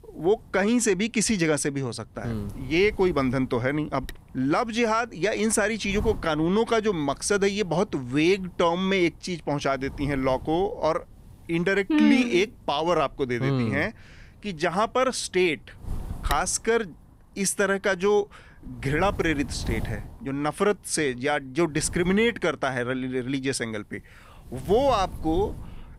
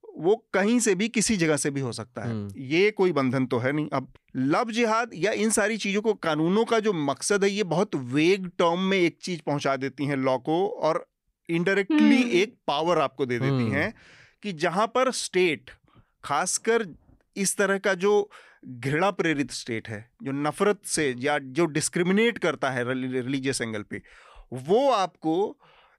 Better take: second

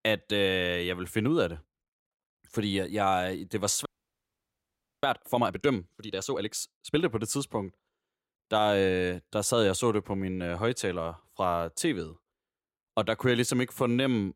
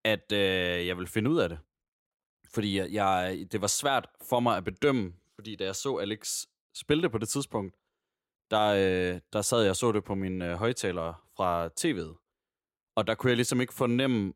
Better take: second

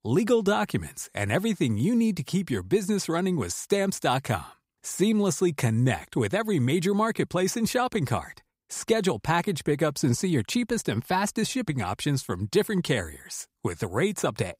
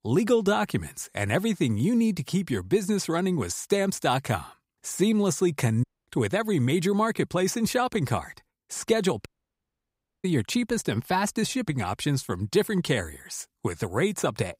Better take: first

